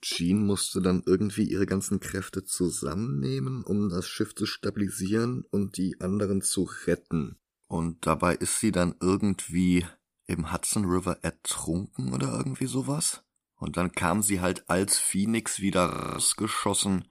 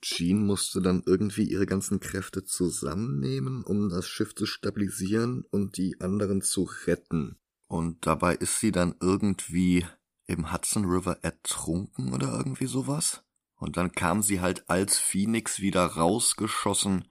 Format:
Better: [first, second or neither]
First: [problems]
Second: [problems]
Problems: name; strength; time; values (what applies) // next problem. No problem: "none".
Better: second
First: audio freezing; at 16 s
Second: none